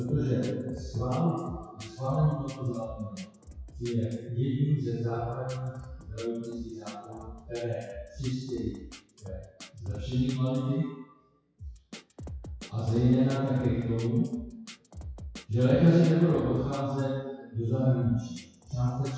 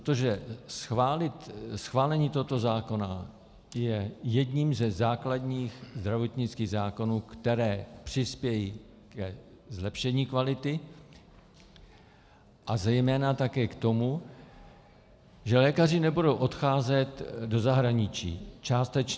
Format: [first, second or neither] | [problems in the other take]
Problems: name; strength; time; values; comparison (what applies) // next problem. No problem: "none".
second | noise reduction (classical method WPE with log-MMSE)